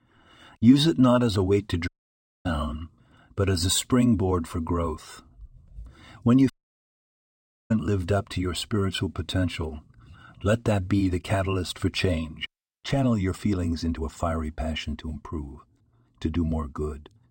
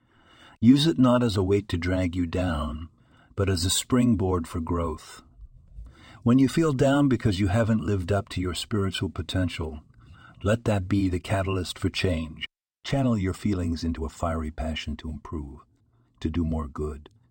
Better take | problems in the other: second | audio cutting out; at 2 s for 0.5 s and at 6.5 s for 1 s

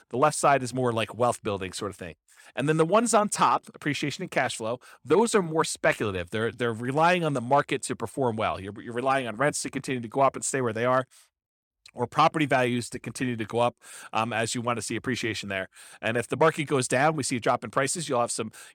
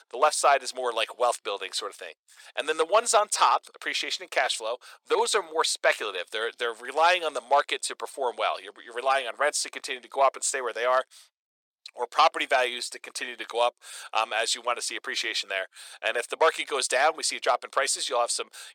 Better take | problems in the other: first | thin; very; fading below 500 Hz

